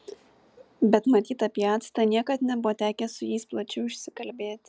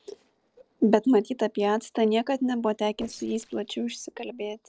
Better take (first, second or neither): first